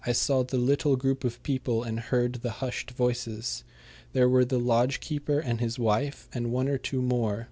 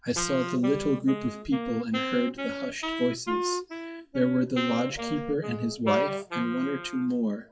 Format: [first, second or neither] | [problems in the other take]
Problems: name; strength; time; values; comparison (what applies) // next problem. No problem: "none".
first | noise reduction (classical method WPE with log-MMSE)